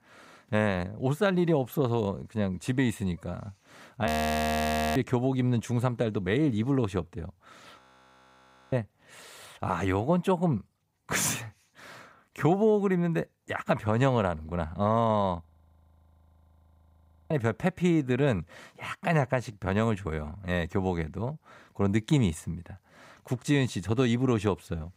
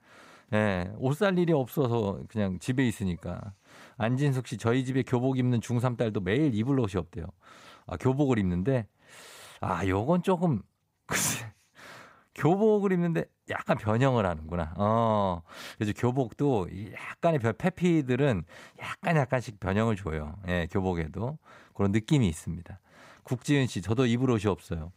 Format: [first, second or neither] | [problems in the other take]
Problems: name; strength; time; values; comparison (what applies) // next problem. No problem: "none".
second | audio freezing; at 4 s for 1 s, at 8 s for 1 s and at 15 s for 2 s